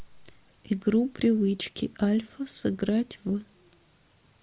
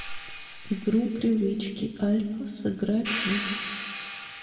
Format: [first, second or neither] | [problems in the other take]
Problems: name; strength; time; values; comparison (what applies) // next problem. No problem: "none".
first | background sound (Hi-hat); 9 dB below the speech // room echo; dies away in 1.4 s